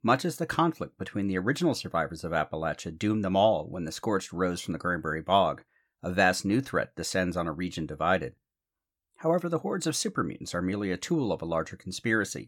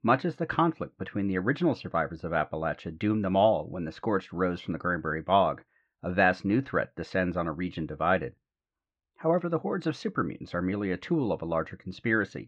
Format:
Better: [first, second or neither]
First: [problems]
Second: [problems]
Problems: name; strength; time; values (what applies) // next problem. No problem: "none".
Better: first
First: none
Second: muffled; slightly; fading above 3 kHz